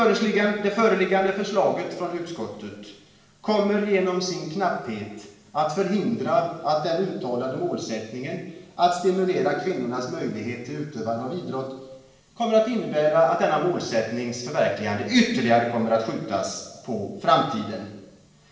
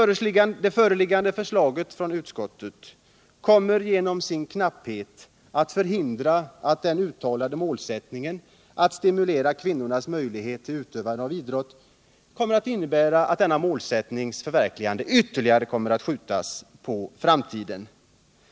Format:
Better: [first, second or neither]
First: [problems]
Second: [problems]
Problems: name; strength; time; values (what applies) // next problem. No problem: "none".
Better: second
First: room echo; dies away in 1 s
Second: none